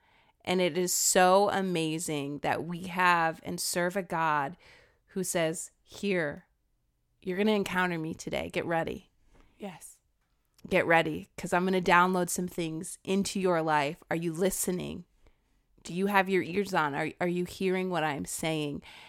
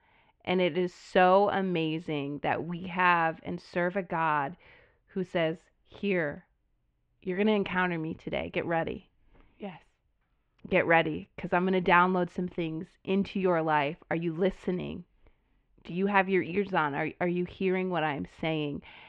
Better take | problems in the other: first | muffled; very; fading above 3 kHz

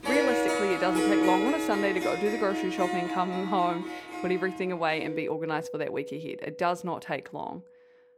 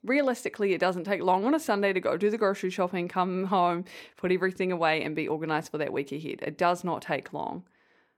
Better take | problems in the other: second | background music; loud; throughout; as loud as the speech

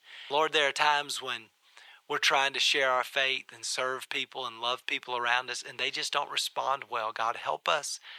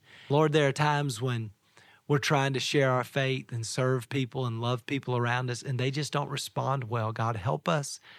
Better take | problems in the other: second | thin; very; fading below 750 Hz

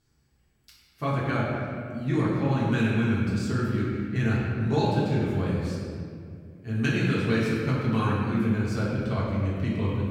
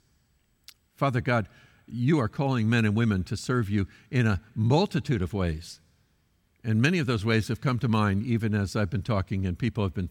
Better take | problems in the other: second | room echo; strong; dies away in 2 s // off-mic speech; far

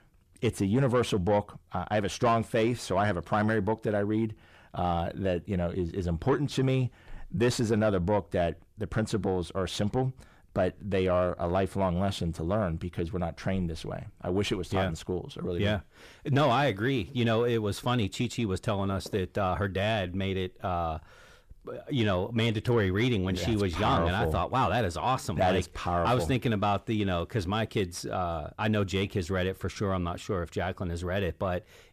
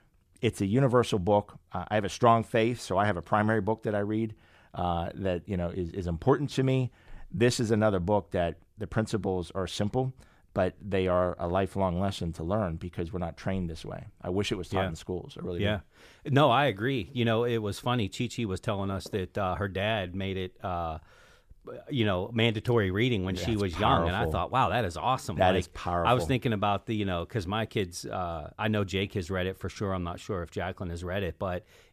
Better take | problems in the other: second | distortion; slight; 10 dB below the speech

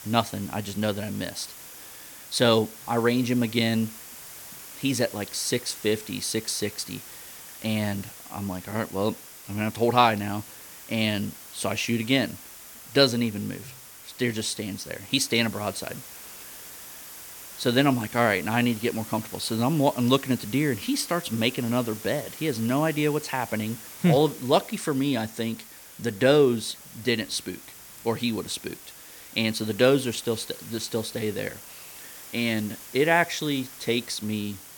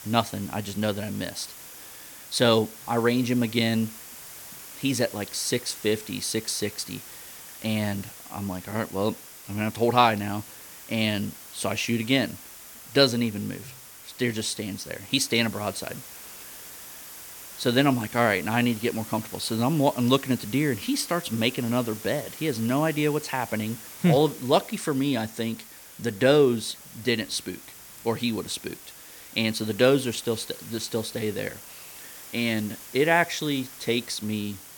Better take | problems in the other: neither | hiss; noticeable; throughout; 15 dB below the speech; the same in both

